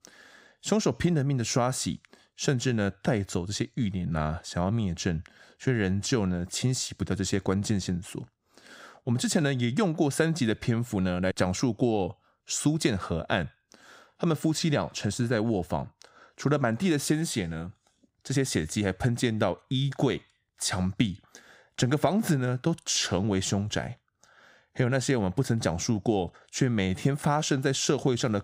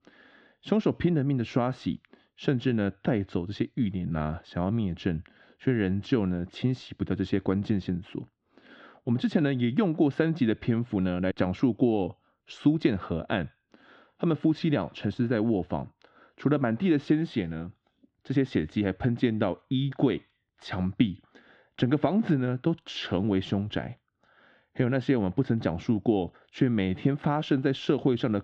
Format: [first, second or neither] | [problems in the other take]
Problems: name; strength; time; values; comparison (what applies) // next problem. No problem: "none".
first | muffled; very; fading above 3.5 kHz